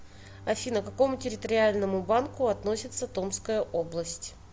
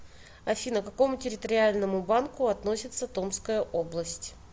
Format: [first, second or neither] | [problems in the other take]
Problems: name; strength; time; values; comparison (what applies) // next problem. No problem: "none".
second | background sound (Bowed string instrument); 19 dB below the speech